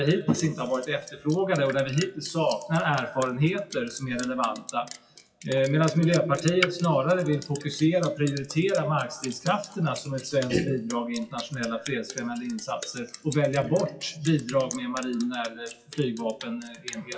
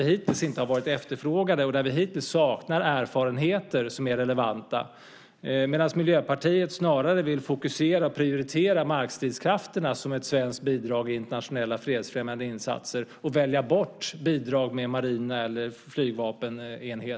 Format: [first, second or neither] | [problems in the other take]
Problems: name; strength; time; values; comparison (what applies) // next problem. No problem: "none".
second | noise reduction (classical method WPE with log-MMSE)